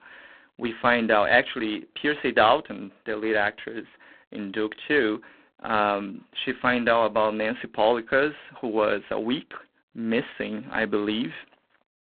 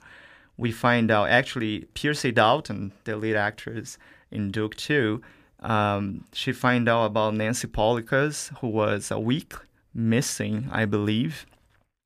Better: second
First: phone-call audio; poor line; nothing above 3.5 kHz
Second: none

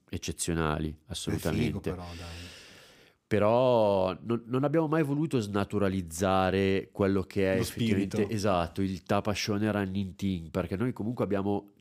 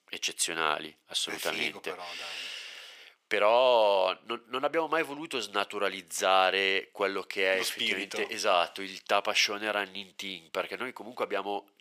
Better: first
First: none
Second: thin; very; fading below 650 Hz

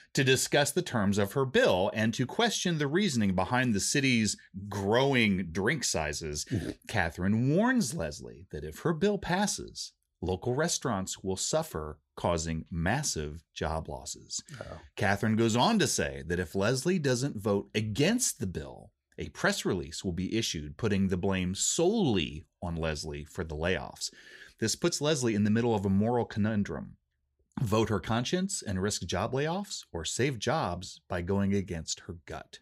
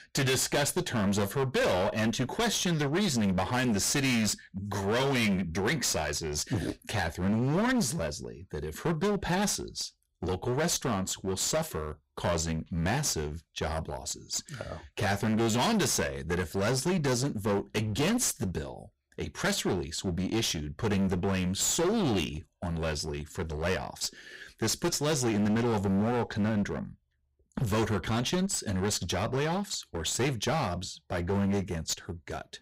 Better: first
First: none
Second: distortion; heavy; 19% of the sound clipped

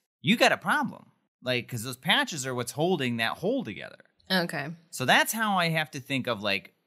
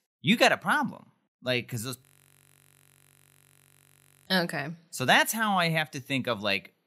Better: first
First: none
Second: audio freezing; at 2 s for 2 s

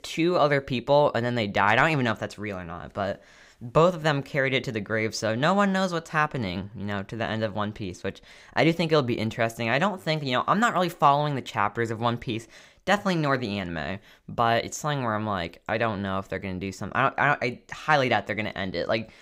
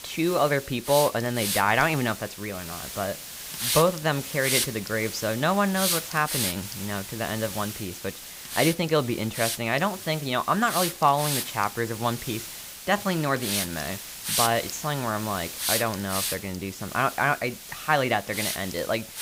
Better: first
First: none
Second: hiss; loud; throughout; 4 dB below the speech

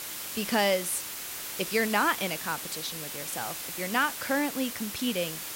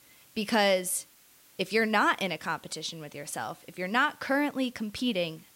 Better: second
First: hiss; loud; throughout; 5 dB below the speech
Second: hiss; faint; throughout; 25 dB below the speech

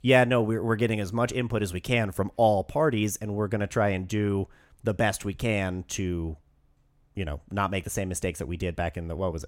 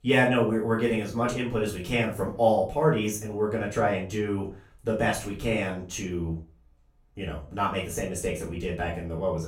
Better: first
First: none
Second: room echo; slight; dies away in 0.3 s // off-mic speech; far

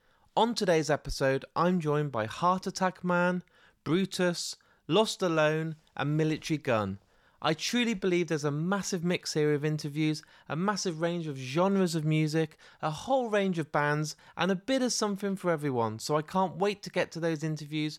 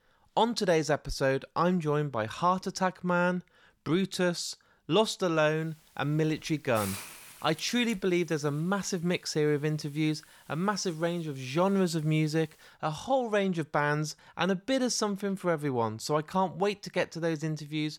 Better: first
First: none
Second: hiss; noticeable; from 5.5 to 13 s; 20 dB below the speech

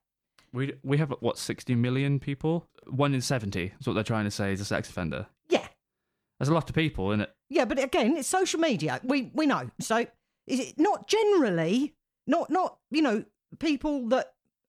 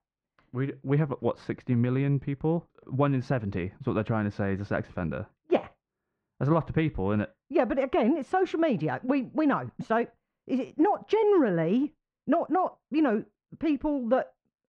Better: first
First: none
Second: muffled; very; fading above 1.5 kHz

